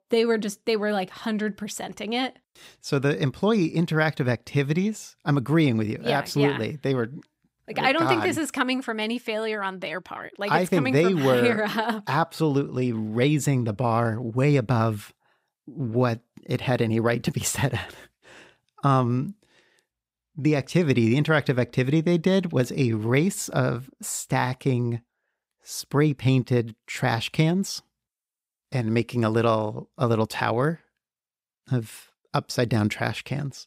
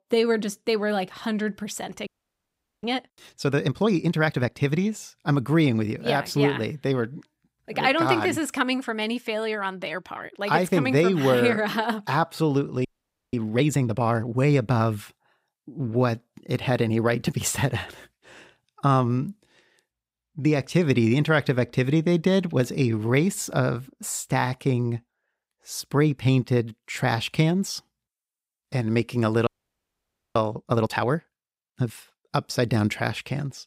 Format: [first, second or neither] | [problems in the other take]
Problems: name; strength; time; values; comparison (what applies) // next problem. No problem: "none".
first | audio freezing; at 2 s for 1 s, at 13 s and at 29 s for 1 s